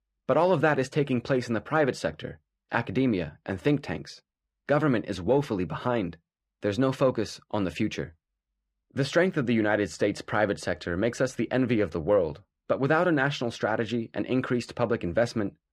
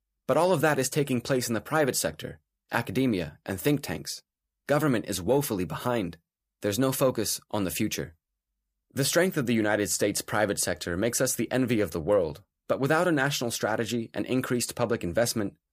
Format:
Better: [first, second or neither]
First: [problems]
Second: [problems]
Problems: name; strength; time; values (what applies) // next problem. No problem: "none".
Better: second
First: muffled; slightly; fading above 3 kHz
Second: none